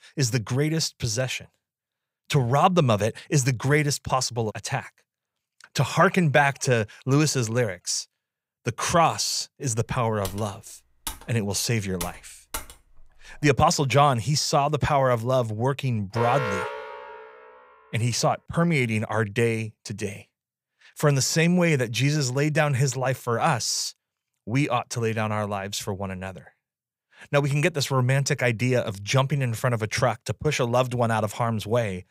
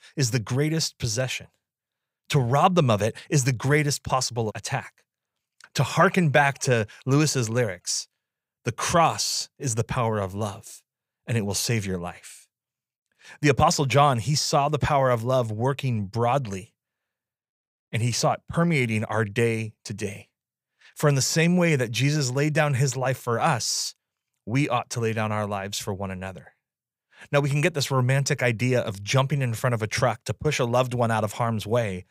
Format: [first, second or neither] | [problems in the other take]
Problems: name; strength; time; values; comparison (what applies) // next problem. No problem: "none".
second | keyboard typing; faint; from 10 to 14 s; peak 10 dB below the speech // alarm; noticeable; from 16 to 17 s; peak 4 dB below the speech